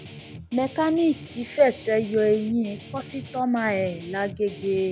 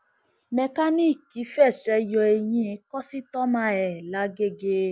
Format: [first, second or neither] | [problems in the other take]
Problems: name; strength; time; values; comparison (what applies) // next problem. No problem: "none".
second | background sound (Guitar); 16 dB below the speech